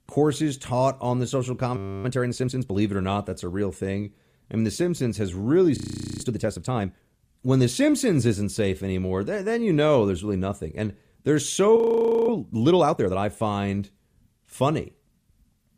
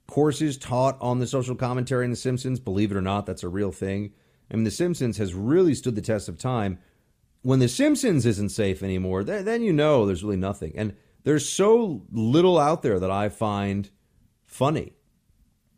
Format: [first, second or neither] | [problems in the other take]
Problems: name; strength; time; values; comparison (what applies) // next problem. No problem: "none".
second | audio freezing; at 2 s, at 6 s and at 12 s for 0.5 s